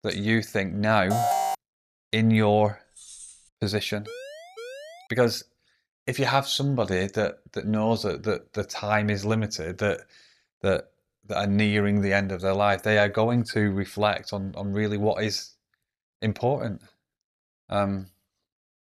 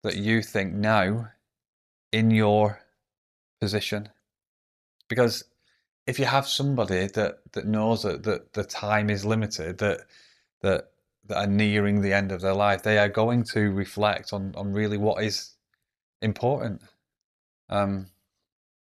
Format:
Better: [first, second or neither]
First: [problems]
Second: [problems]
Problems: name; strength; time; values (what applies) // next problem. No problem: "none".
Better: second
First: alarm; loud; at 1 s; peak 1 dB above the speech // jangling keys; faint; at 3 s; peak 15 dB below the speech // siren; faint; from 4 to 5 s; peak 15 dB below the speech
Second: none